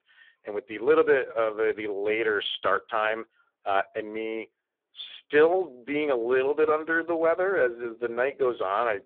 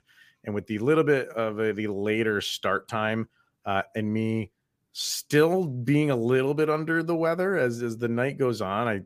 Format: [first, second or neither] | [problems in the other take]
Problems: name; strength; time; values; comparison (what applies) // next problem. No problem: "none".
second | phone-call audio; poor line; nothing above 3.5 kHz